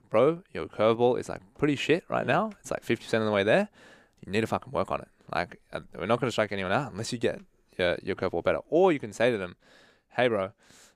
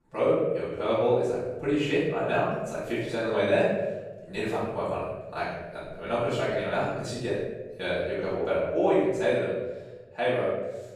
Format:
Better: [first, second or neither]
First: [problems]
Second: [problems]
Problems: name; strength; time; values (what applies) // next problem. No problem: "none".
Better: first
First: none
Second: off-mic speech; far // room echo; strong; dies away in 1.1 s